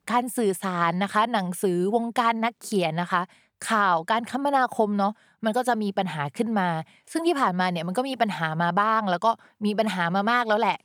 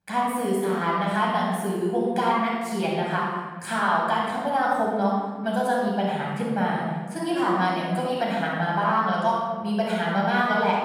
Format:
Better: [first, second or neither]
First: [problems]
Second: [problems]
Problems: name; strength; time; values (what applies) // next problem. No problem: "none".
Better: first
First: none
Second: off-mic speech; far // room echo; strong; dies away in 1.5 s